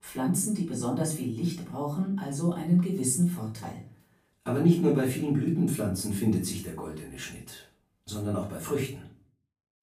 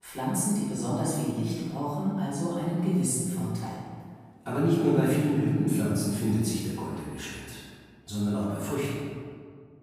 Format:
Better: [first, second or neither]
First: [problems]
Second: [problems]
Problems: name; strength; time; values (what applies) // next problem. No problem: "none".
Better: first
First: room echo; slight; dies away in 0.3 s // off-mic speech; far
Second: room echo; strong; dies away in 1.6 s // off-mic speech; far